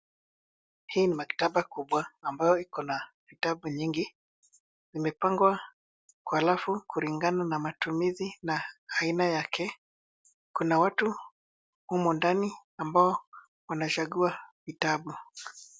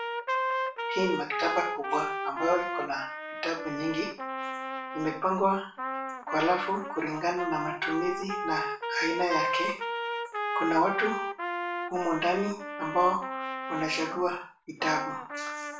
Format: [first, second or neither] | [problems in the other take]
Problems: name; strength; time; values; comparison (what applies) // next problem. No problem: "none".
first | background sound (Trumpet); 3 dB below the speech // room echo; dies away in 0.4 s